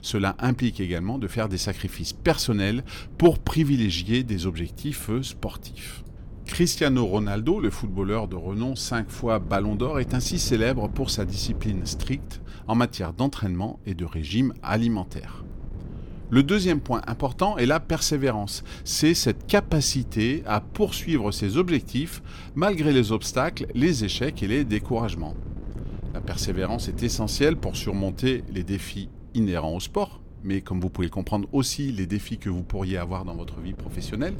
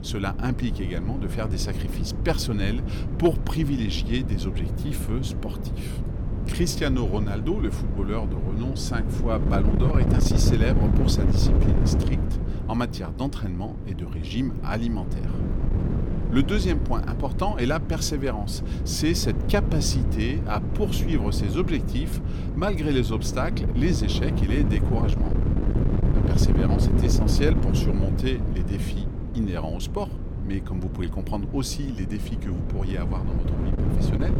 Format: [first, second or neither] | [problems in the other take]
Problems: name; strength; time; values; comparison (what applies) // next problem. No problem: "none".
first | wind noise on the microphone; heavy; 5 dB below the speech; occasional gusts in the first